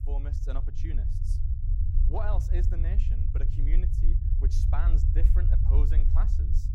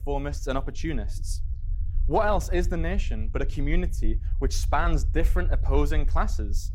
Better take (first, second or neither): second